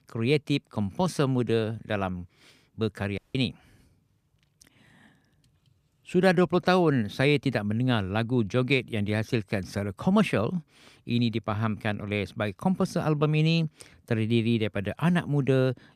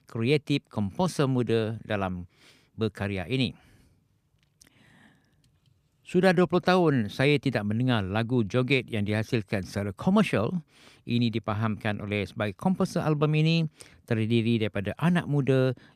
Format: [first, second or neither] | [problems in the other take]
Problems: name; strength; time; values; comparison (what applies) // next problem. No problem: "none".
second | audio cutting out; at 3 s